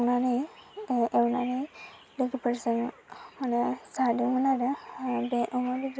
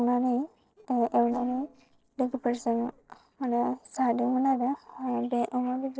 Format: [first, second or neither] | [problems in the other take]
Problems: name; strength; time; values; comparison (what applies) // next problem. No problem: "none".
first | noise reduction (neural separator model SepFormer DNS4)